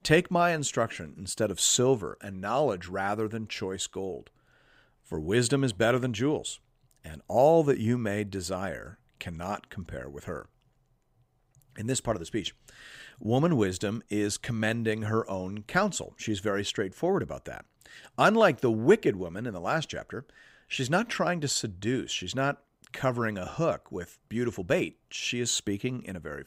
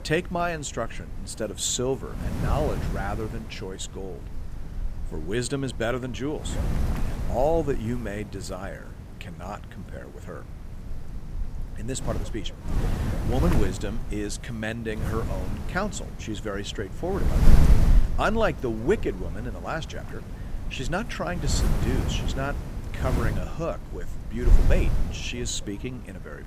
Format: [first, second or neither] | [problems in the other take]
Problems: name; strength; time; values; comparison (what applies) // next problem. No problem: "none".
first | wind noise on the microphone; heavy; 9 dB below the speech